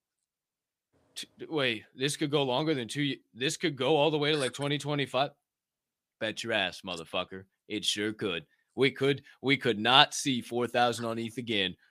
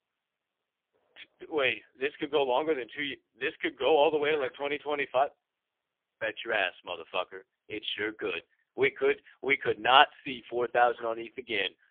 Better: first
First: none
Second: phone-call audio; poor line; nothing above 3.5 kHz

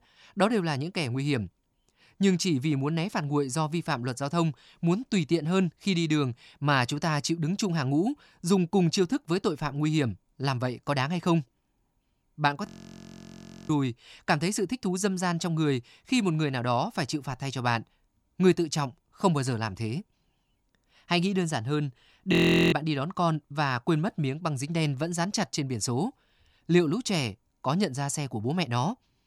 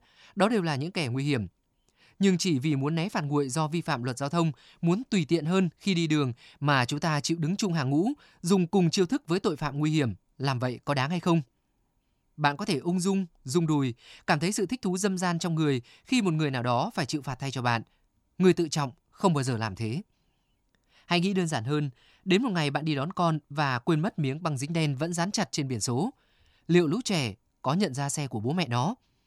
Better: second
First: audio freezing; at 13 s for 1 s and at 22 s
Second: none

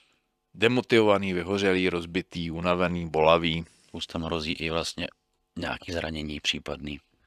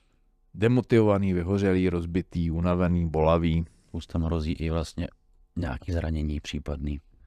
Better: second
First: thin; somewhat; fading below 550 Hz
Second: none

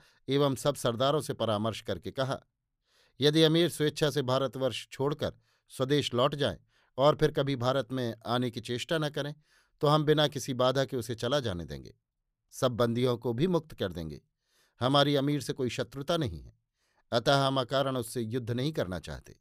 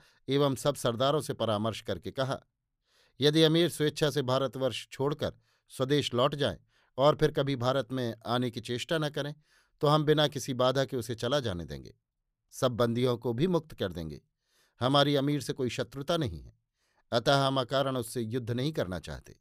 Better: neither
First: none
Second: none

